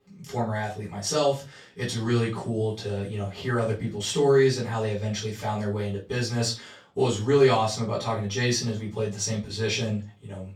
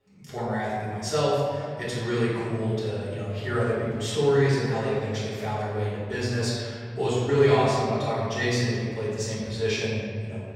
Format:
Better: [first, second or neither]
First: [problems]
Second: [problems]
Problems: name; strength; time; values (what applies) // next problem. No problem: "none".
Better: first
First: room echo; slight; dies away in 0.3 s // off-mic speech; far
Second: room echo; strong; dies away in 2.1 s // off-mic speech; far